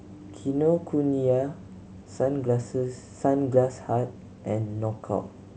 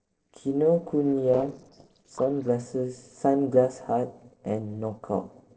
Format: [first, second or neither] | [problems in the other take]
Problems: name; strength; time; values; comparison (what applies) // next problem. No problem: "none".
first | noise reduction (neural separator model SepFormer DNS4)